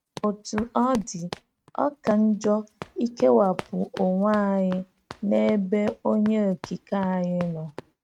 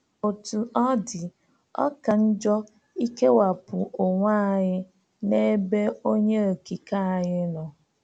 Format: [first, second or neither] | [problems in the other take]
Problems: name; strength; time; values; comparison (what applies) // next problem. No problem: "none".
second | noise reduction (neural mask model RNNoise)